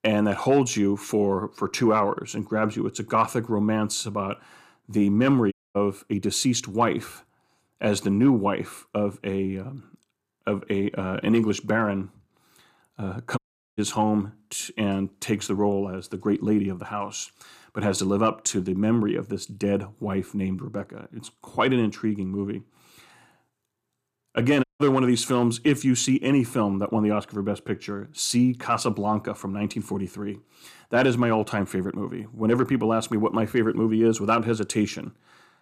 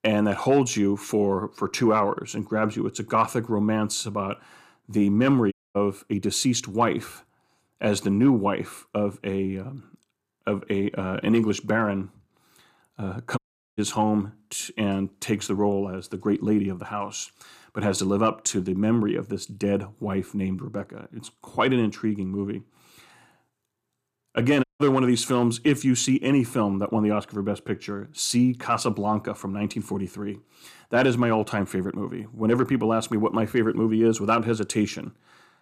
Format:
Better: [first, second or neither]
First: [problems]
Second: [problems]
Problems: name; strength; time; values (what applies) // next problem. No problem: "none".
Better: neither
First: audio cutting out; at 5.5 s, at 13 s and at 25 s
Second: audio cutting out; at 5.5 s, at 13 s and at 25 s